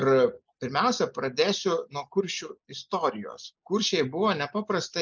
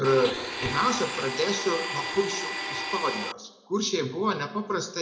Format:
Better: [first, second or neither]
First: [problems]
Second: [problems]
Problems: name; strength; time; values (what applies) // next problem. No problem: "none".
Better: first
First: none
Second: background sound (Domestic sounds, home sounds); 4 dB below the speech // room echo; dies away in 0.6 s